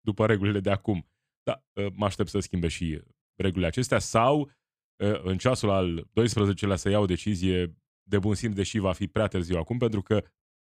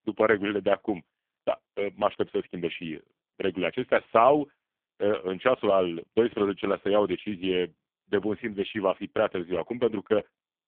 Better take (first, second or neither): first